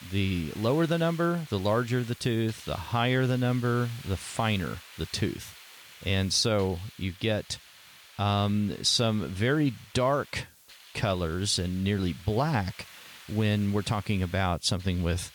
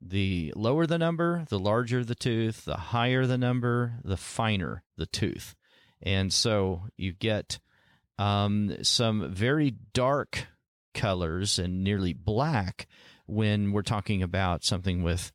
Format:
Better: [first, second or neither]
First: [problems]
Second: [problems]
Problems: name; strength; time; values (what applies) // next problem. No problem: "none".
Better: second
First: hiss; noticeable; throughout; 20 dB below the speech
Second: none